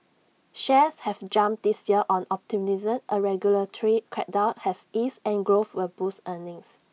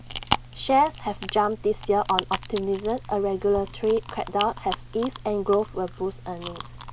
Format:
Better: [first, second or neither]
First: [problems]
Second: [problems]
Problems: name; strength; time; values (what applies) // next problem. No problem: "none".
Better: first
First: none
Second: background sound (Chewing, mastication); 10 dB below the speech